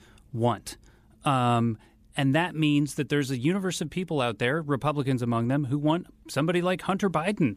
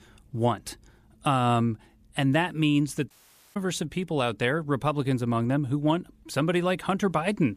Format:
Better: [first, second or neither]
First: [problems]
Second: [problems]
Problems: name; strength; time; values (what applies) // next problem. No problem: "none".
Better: first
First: none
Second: audio cutting out; at 3 s